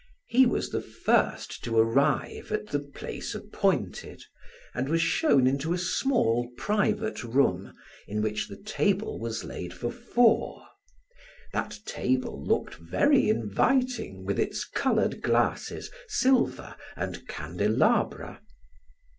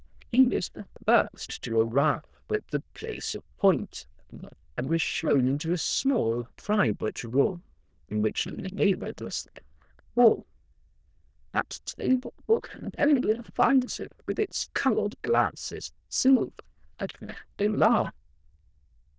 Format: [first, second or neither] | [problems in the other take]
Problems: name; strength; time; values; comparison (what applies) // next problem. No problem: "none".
first | noise reduction (neural diffusion model UNIVERSE++)